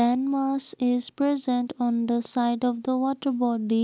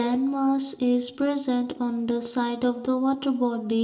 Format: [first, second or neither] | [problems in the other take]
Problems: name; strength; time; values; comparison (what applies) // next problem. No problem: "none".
first | room echo; dies away in 0.9 s